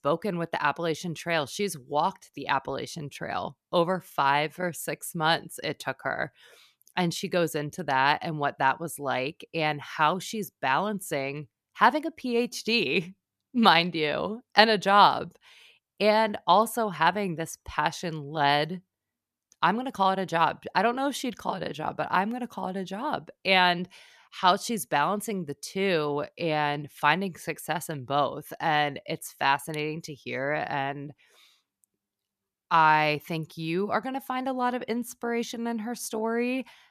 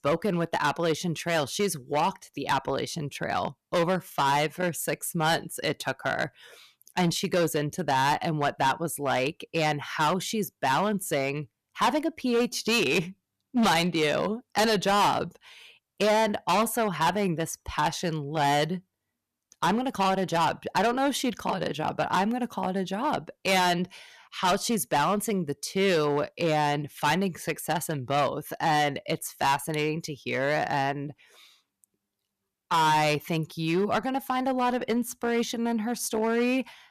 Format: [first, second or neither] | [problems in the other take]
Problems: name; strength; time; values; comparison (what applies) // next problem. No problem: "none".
first | distortion; heavy; 8% of the sound clipped